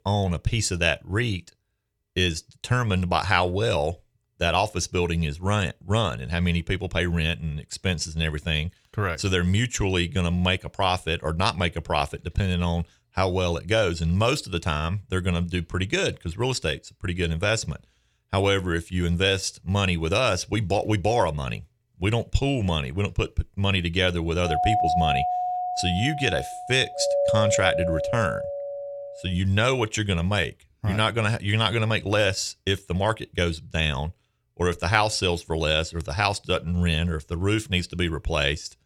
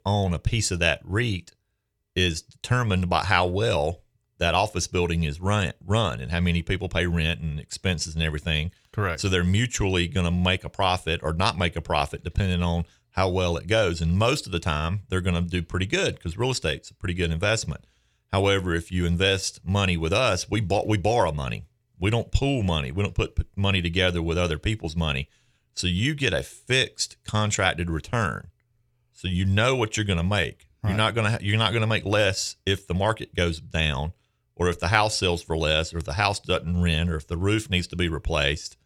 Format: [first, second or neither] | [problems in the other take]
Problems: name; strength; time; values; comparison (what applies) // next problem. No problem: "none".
second | doorbell; loud; from 24 to 29 s; peak 2 dB above the speech